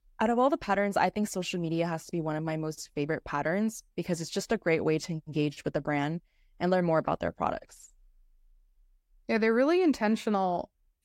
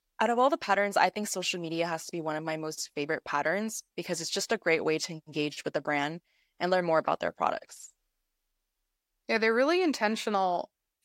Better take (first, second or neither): first